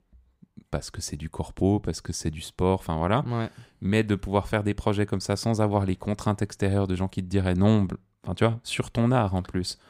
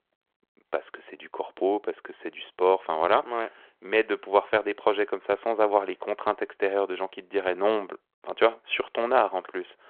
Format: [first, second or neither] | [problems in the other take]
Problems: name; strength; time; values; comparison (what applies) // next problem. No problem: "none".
first | phone-call audio